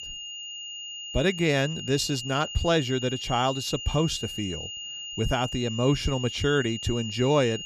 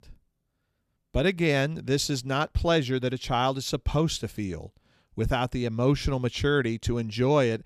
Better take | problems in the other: second | high-pitched whine; loud; throughout; 3 kHz, 8 dB below the speech

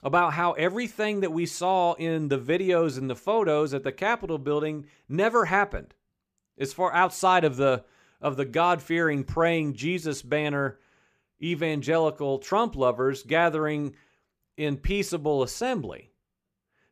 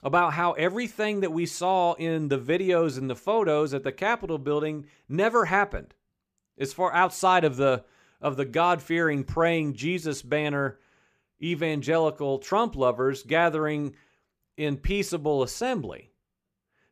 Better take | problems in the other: neither | none

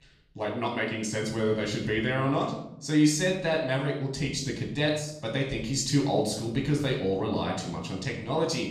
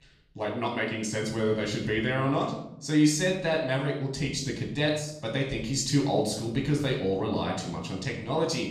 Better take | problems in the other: neither | off-mic speech; far; the same in both // room echo; noticeable; dies away in 0.8 s; the same in both

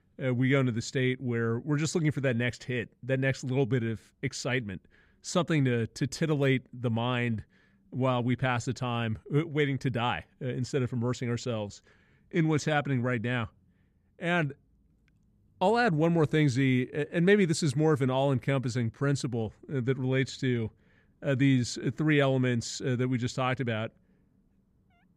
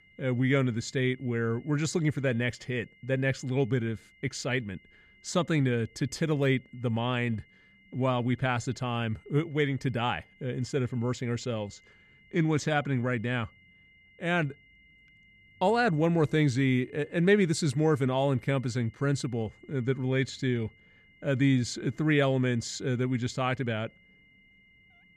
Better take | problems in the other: first | high-pitched whine; faint; throughout; 2 kHz, 30 dB below the speech

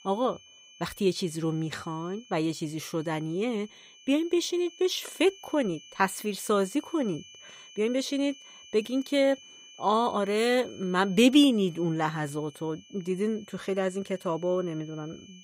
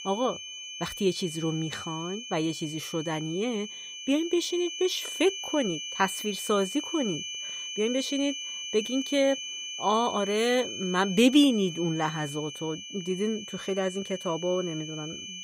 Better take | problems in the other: first | high-pitched whine; loud; throughout; 3 kHz, 7 dB below the speech; faint in the first

